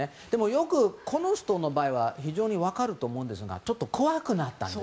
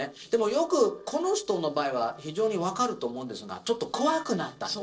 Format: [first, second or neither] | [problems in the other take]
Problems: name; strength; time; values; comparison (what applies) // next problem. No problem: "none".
first | noise reduction (neural separator model SepFormer DNS4)